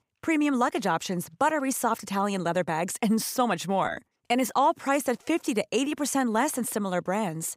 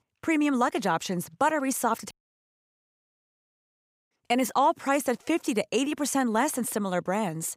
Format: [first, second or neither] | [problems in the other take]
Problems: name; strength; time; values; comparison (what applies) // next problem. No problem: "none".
first | audio cutting out; at 2 s for 2 s